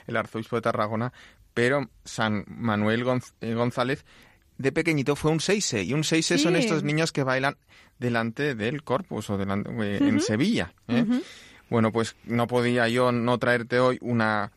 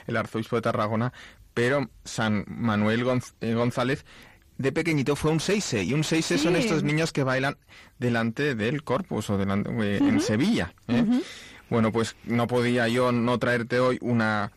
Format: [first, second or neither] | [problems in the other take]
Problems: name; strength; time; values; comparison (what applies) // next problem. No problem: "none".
first | distortion; slight; 10 dB below the speech